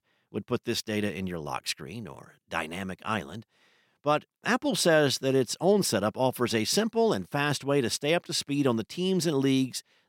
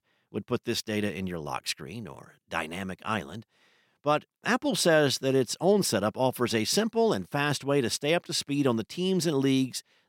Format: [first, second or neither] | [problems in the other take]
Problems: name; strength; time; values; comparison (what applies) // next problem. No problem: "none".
neither | none